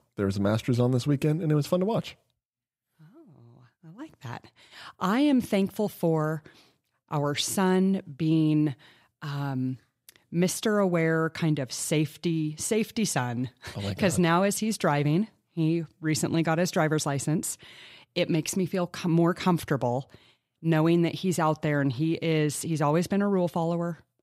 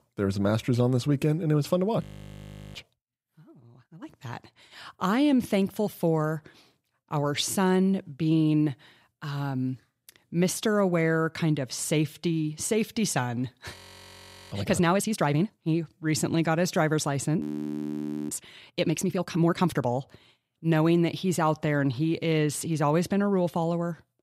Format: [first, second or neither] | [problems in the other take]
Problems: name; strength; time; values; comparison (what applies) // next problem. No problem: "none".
first | audio freezing; at 2 s for 0.5 s, at 14 s for 1 s and at 17 s for 1 s